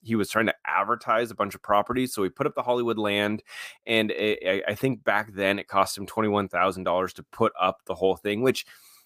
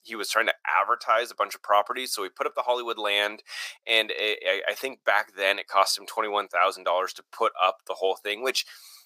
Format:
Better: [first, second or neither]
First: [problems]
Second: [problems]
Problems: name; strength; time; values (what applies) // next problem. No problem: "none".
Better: first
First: none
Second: thin; very; fading below 550 Hz